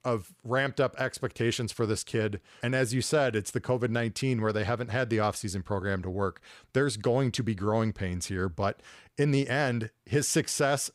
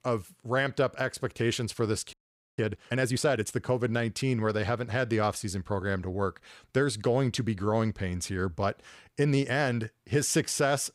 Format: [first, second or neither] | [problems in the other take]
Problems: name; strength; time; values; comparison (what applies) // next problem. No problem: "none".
first | audio freezing; at 2 s